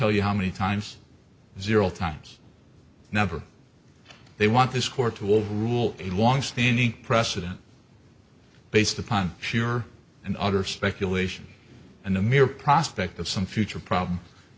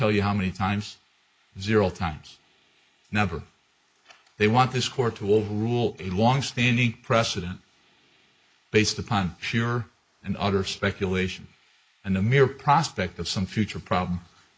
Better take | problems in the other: first | noise reduction (neural mask model Resemble Enhance denoiser)

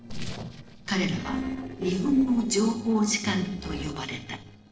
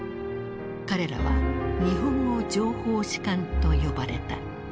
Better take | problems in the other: second | noise reduction (neural separator model SepFormer DNS4)

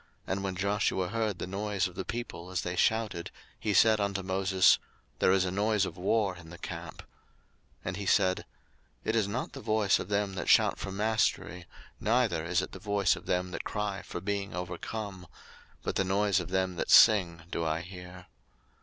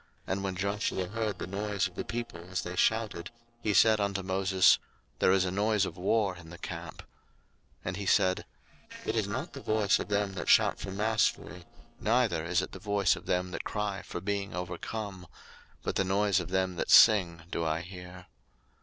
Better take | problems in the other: first | noise reduction (neural separator model SepFormer DNS4)

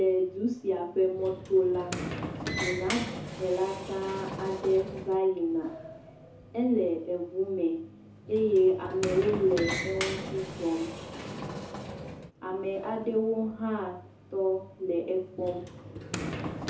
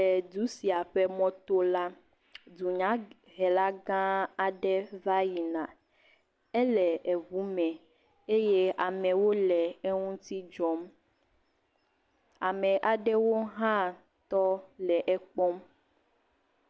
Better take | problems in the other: second | background sound (Sliding door); 9 dB below the speech // room echo; dies away in 0.6 s

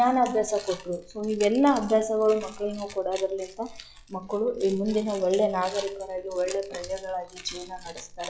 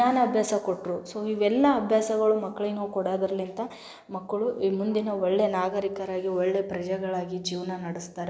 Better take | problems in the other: second | noise reduction (classical method log-MMSE)

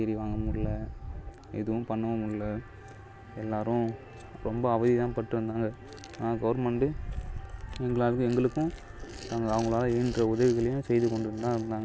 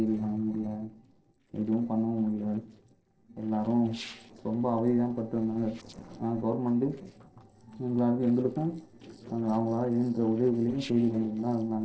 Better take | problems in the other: first | noise reduction (neural separator model SepFormer DNS4)

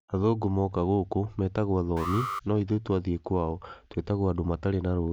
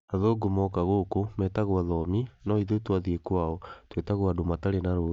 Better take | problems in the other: second | background sound (Alarm); 11 dB below the speech

